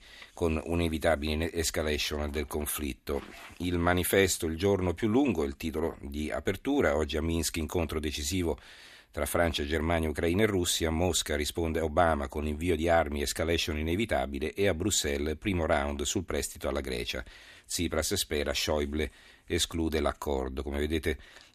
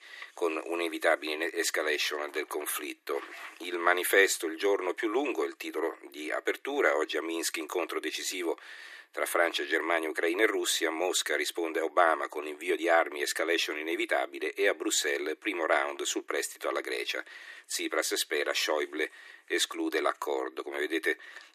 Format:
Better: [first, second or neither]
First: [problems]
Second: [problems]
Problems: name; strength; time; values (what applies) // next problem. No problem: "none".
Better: first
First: none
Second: thin; very; fading below 300 Hz